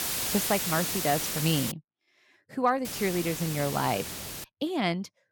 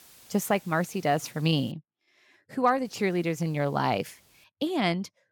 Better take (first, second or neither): second